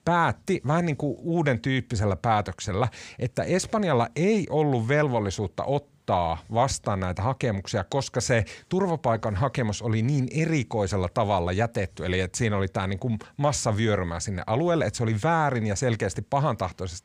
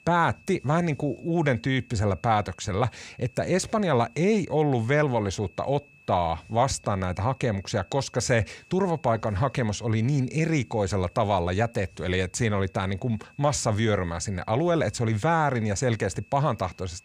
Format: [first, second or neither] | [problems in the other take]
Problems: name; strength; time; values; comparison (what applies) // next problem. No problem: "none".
first | high-pitched whine; faint; throughout; 2.5 kHz, 30 dB below the speech